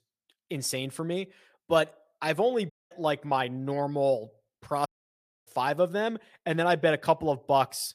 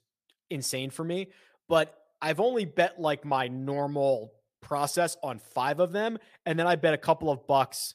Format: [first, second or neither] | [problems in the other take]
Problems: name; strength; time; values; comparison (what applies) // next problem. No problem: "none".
second | audio cutting out; at 2.5 s and at 5 s for 0.5 s